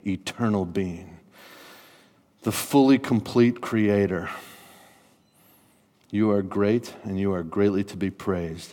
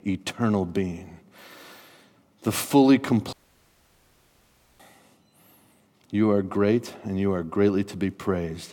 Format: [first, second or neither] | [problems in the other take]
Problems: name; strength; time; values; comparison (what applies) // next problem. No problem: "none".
first | audio cutting out; at 3.5 s for 1.5 s